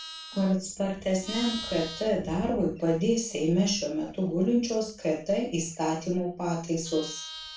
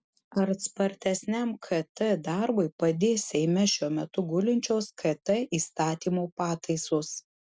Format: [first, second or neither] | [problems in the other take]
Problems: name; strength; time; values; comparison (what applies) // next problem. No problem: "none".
second | background sound (Livestock, farm animals, working animals); 16 dB below the speech // room echo; dies away in 0.3 s